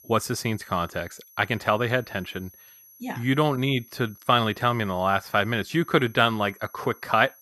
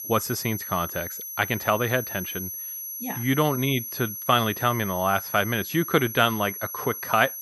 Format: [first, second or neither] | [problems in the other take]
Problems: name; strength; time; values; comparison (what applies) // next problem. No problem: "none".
first | high-pitched whine; loud; throughout; 11.5 kHz, 7 dB below the speech; faint in the first